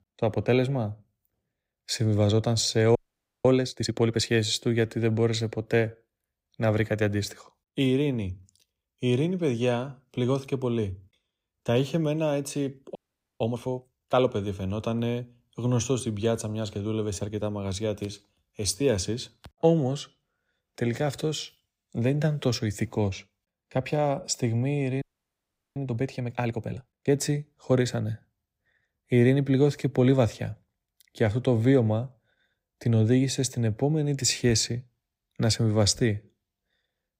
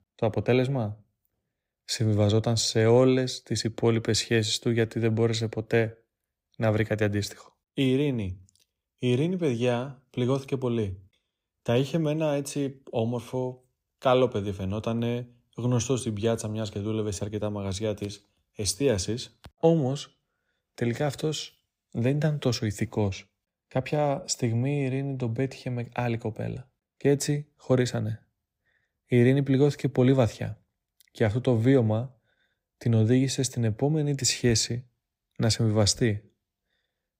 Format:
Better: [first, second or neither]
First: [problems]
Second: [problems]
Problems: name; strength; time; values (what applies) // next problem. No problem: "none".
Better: second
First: audio freezing; at 3 s, at 13 s and at 25 s for 0.5 s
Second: none